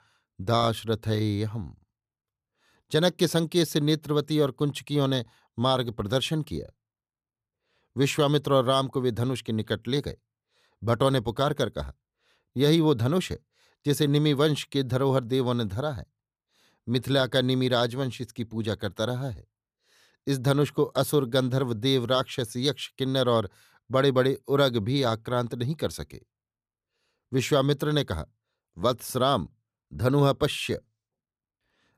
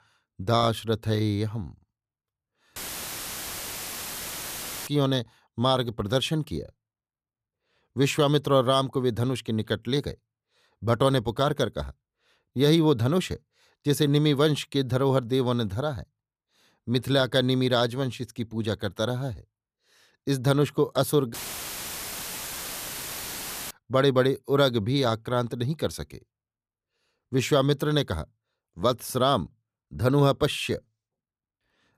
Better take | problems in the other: first | audio cutting out; filled with static; at 3 s for 2 s and at 21 s for 2.5 s

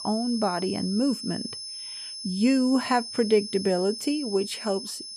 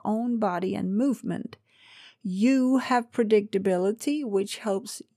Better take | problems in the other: second | high-pitched whine; loud; throughout; 5 kHz, 9 dB below the speech

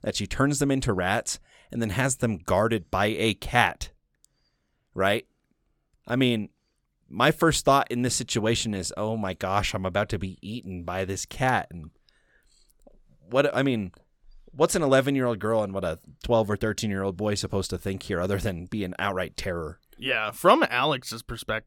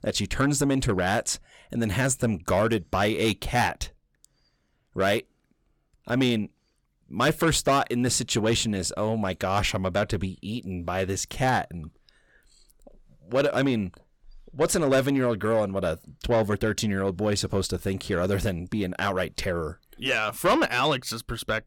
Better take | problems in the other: first | distortion; slight; 10 dB below the speech

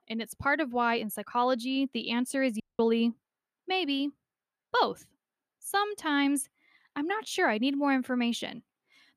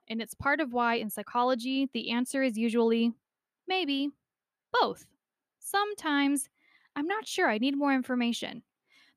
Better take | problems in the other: second | audio cutting out; at 2.5 s

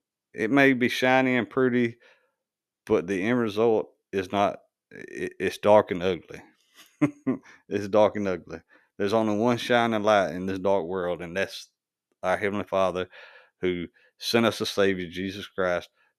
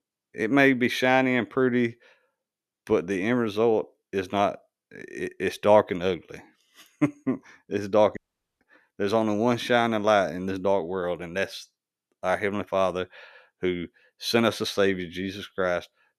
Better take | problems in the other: first | audio cutting out; at 8 s

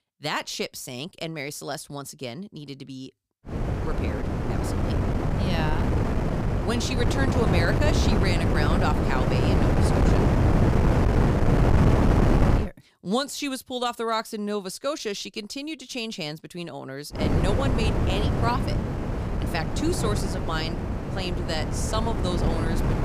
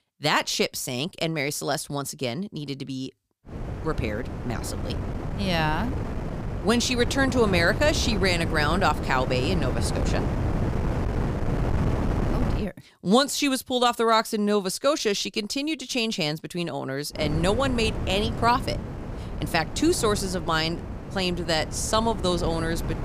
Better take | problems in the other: second | wind noise on the microphone; heavy; from 3.5 to 13 s and from 17 s on; 1 dB above the speech; occasional gusts in the second

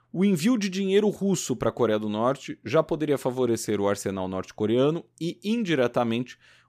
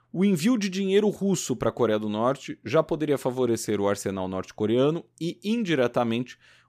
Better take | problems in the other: neither | none

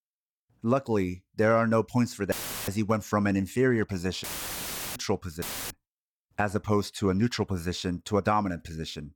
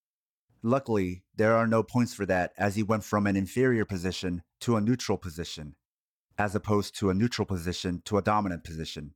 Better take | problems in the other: second | audio cutting out; filled with static; at 2.5 s, at 4 s for 0.5 s and at 5.5 s

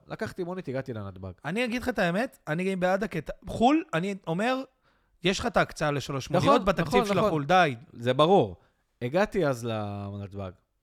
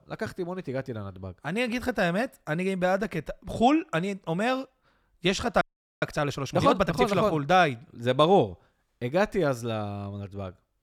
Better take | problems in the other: first | audio freezing; at 5.5 s

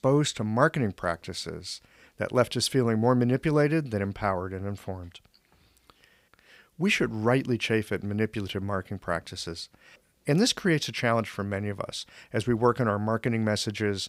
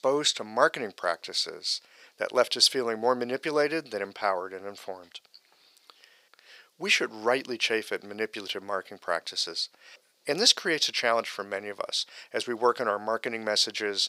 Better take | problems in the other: first | thin; somewhat; fading below 500 Hz

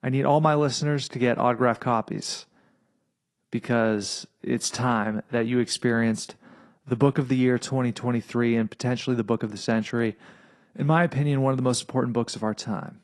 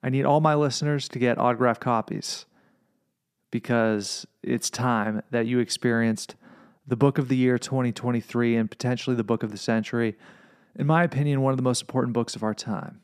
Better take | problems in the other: second | garbled, watery; slightly

